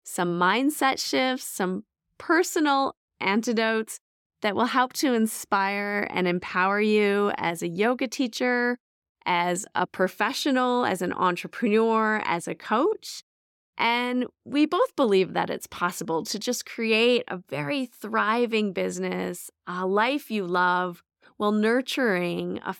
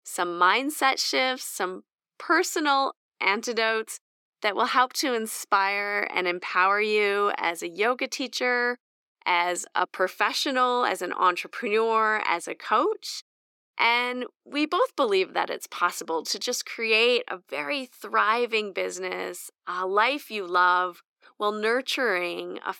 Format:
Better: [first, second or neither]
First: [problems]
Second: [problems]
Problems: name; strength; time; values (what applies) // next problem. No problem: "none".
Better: first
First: none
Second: thin; somewhat; fading below 350 Hz